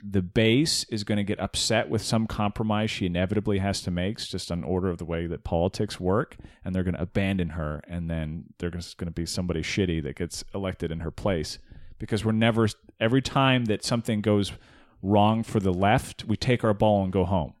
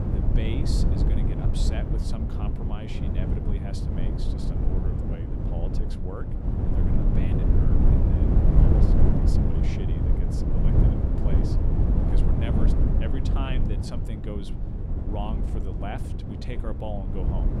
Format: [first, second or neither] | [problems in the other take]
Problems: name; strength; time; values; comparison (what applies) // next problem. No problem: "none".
first | wind noise on the microphone; heavy; 4 dB above the speech